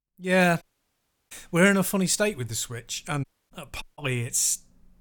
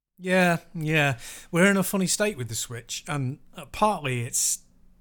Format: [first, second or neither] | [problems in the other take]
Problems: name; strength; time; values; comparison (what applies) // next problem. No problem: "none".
second | audio cutting out; at 0.5 s for 0.5 s, at 3 s and at 4 s